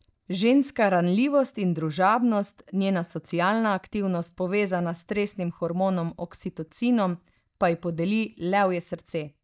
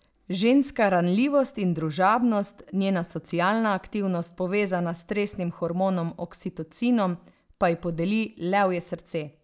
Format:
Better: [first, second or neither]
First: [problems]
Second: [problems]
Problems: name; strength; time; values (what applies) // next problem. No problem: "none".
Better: second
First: noise reduction (neural mask model DeepFilterNet 3)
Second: none